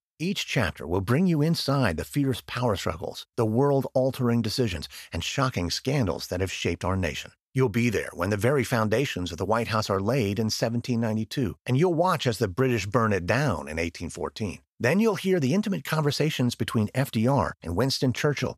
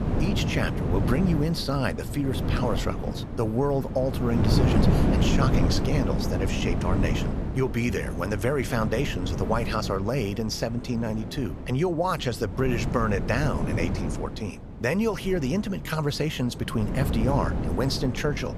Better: first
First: none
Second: wind noise on the microphone; heavy; 5 dB below the speech

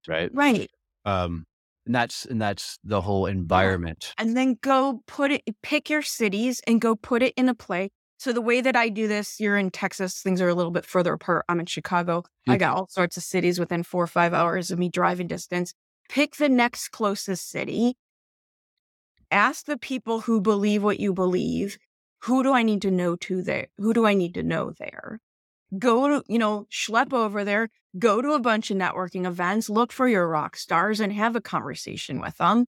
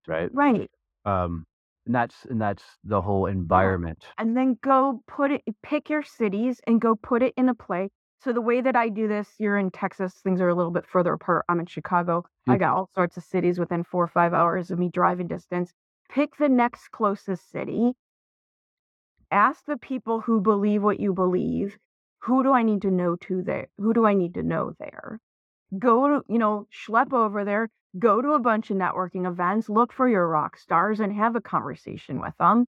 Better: first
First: none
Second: muffled; very; fading above 3 kHz

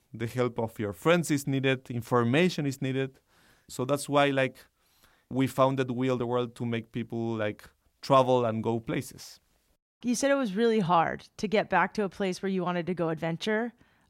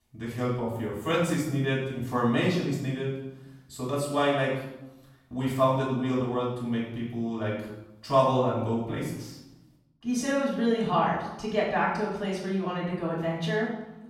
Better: first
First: none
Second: off-mic speech; far // room echo; noticeable; dies away in 0.8 s

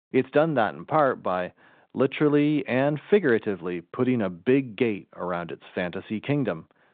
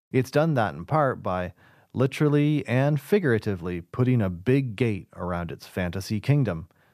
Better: second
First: phone-call audio; nothing above 3.5 kHz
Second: none

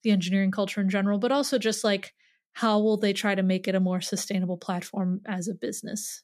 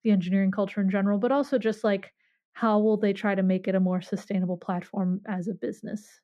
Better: first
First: none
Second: muffled; very; fading above 3 kHz

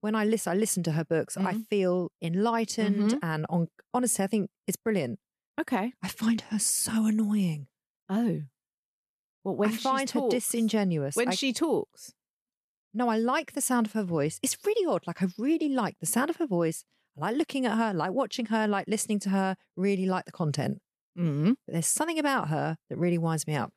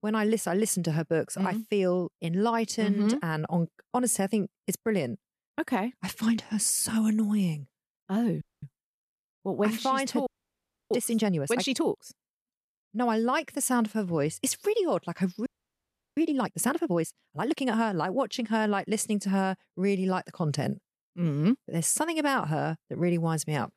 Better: first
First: none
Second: audio freezing; at 8.5 s, at 10 s for 0.5 s and at 15 s for 0.5 s

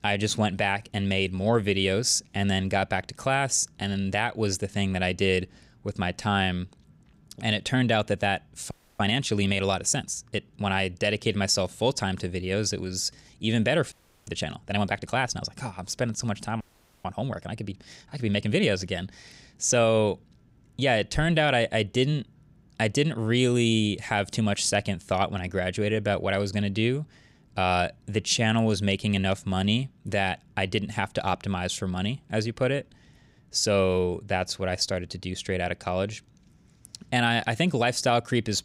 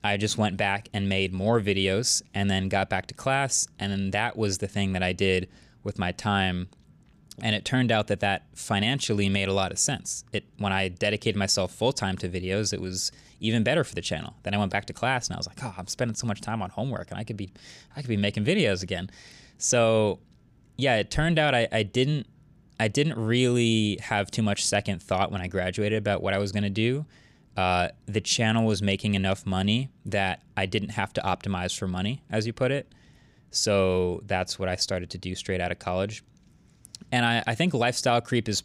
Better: second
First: audio freezing; at 8.5 s, at 14 s and at 17 s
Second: none

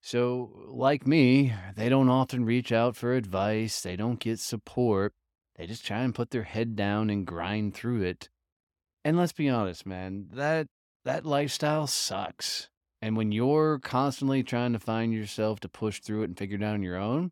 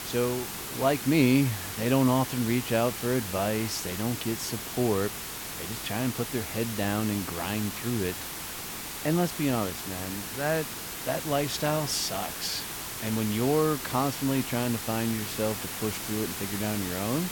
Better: first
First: none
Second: hiss; loud; throughout; 5 dB below the speech

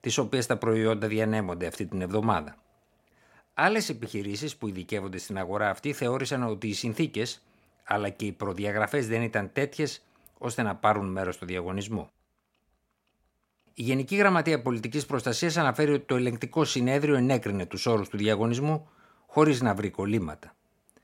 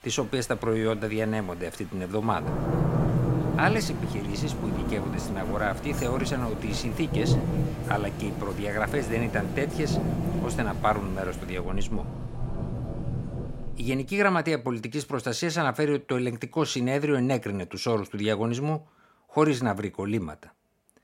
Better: first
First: none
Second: rain or running water; loud; until 14 s; 2 dB below the speech

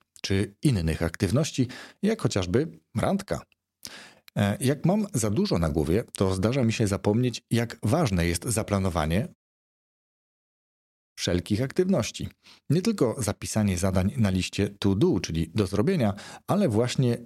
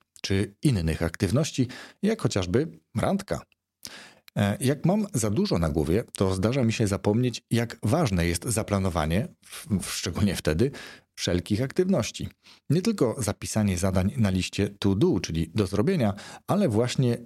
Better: second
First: audio cutting out; at 9.5 s for 2 s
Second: none

